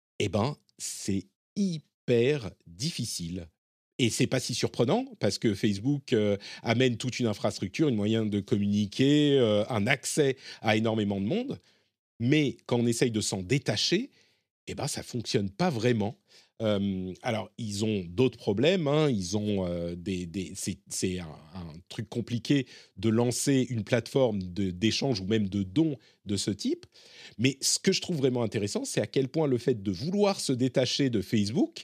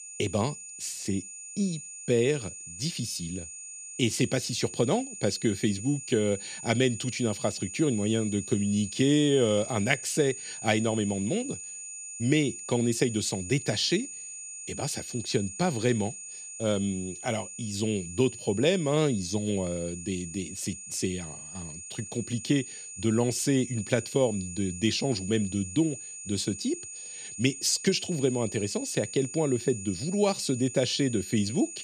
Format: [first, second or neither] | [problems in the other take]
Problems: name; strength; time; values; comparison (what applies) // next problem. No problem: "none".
first | high-pitched whine; loud; throughout; 7 kHz, 10 dB below the speech